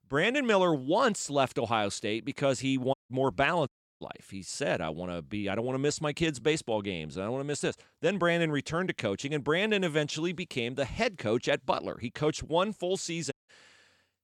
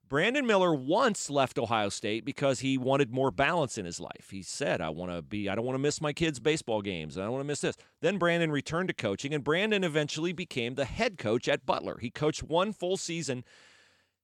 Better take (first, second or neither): second